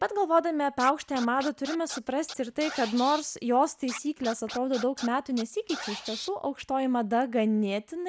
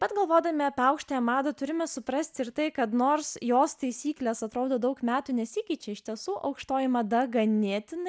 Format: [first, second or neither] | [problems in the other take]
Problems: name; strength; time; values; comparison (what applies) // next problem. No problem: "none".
second | background sound (Scratching (performance technique)); 13 dB below the speech